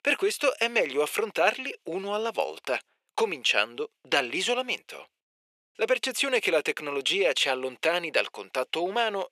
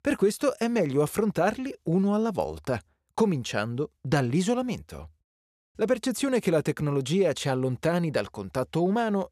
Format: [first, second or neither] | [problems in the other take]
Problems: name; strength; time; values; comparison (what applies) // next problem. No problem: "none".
second | thin; very; fading below 400 Hz